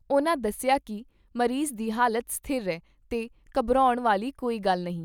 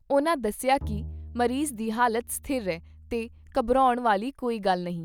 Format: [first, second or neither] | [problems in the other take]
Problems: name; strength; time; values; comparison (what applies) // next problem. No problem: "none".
first | background sound (Bowed string instrument); 14 dB below the speech